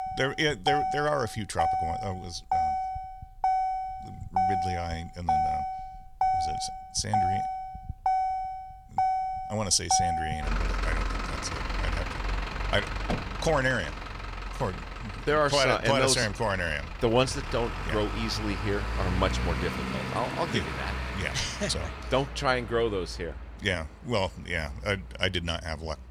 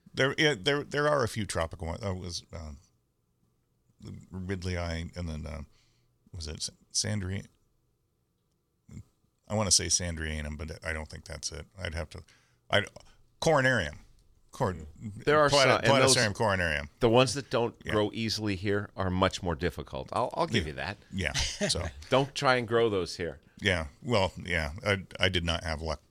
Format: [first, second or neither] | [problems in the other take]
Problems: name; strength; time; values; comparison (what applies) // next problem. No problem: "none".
second | traffic noise; loud; throughout; 2 dB below the speech